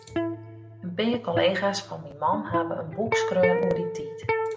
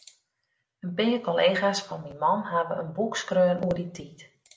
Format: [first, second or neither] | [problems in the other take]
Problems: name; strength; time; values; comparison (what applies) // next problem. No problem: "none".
second | background sound (Electric guitar); 2 dB below the speech